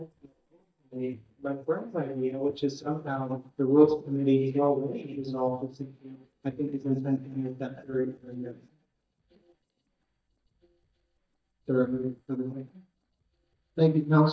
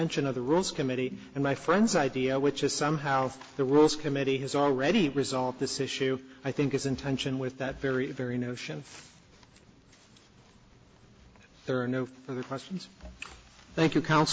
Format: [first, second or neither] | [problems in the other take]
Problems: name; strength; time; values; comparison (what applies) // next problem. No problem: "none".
second | noise reduction (neural mask model DeepFilterNet 3)